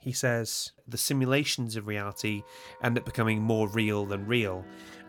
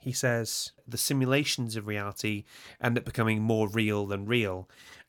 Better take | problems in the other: second | background music; faint; from 2 s on; 20 dB below the speech

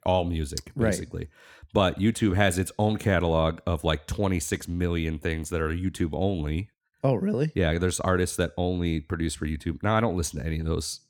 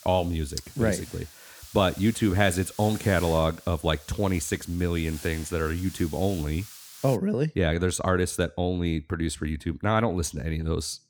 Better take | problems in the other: first | hiss; noticeable; until 7 s; 15 dB below the speech

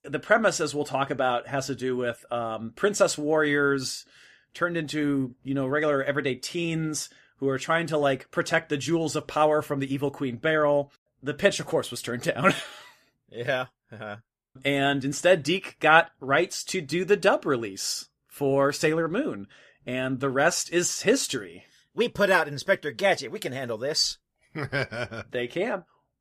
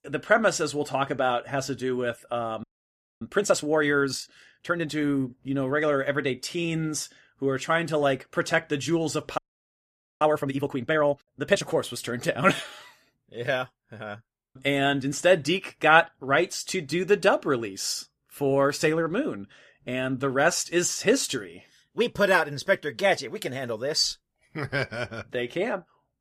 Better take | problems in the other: first | audio freezing; at 2.5 s for 0.5 s and at 9.5 s for 1 s

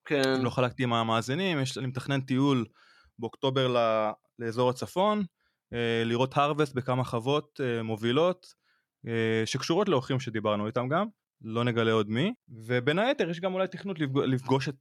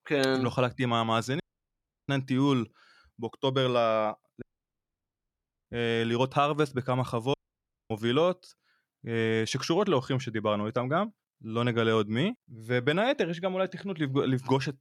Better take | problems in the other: first | audio cutting out; at 1.5 s for 0.5 s, at 4.5 s for 1 s and at 7.5 s for 0.5 s

